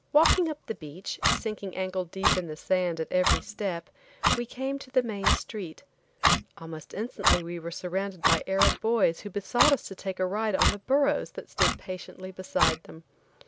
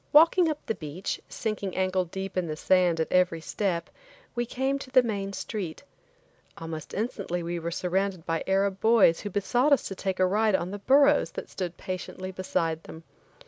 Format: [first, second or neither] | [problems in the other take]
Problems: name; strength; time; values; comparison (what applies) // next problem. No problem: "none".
second | background sound (Clock); 1 dB below the speech